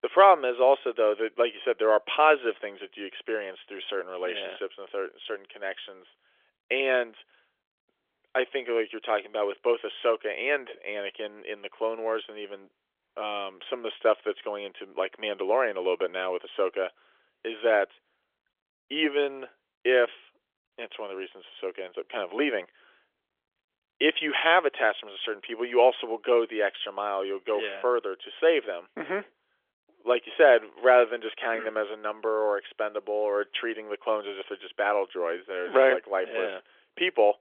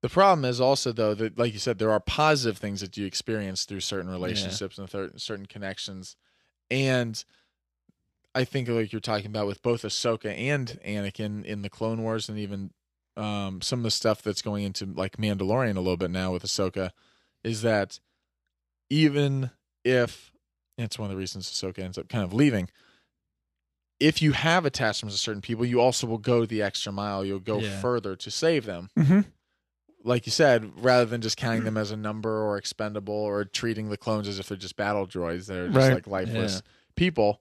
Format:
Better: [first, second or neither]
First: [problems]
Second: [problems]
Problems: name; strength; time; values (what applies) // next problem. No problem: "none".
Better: second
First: phone-call audio; nothing above 3.5 kHz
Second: none